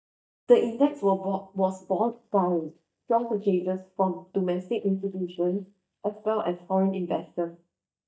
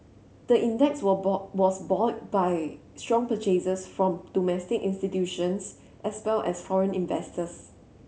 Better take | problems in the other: second | noise reduction (neural mask model DeepFilterNet 3)

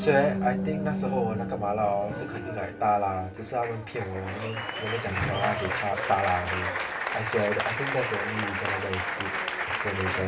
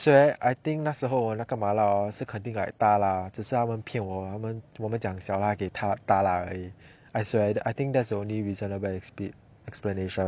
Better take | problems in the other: second | background sound (Applause); 2 dB below the speech // room echo; dies away in 0.2 s

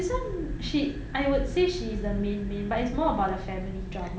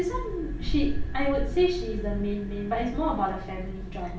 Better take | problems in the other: first | background sound (Boom); 4 dB below the speech // room echo; dies away in 0.2 s

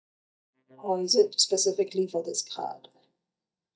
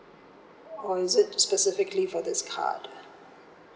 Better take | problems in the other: second | noise reduction (neural mask model DeepFilterNet 3)

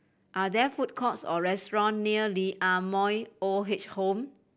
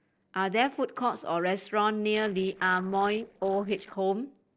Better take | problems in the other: first | noise reduction (neural separator model SepFormer DNS4)

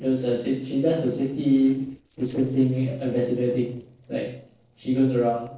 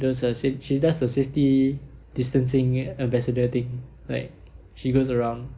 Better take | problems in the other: second | noise reduction (neural separator model SepFormer DNS4)

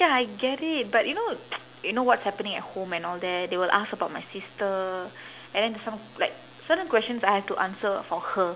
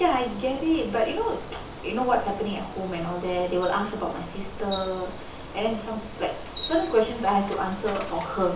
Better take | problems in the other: first | background sound (Bicycle); 10 dB below the speech // room echo; dies away in 0.7 s

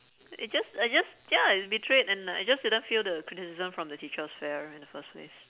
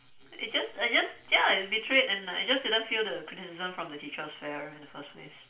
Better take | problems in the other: first | room echo; dies away in 0.3 s

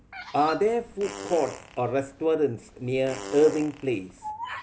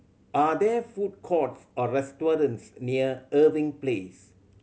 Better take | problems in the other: second | background sound (Bird vocalization, bird call, bird song + Fart); 13 dB below the speech

